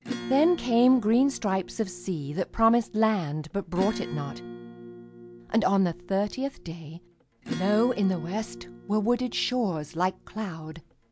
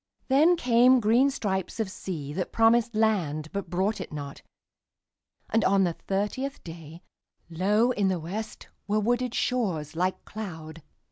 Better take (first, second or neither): second